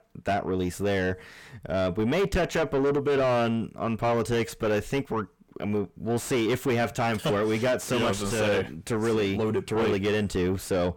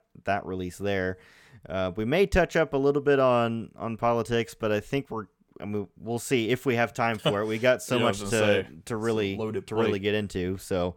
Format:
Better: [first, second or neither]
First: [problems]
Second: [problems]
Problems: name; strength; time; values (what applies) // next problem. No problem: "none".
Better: second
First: distortion; heavy; 6 dB below the speech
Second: none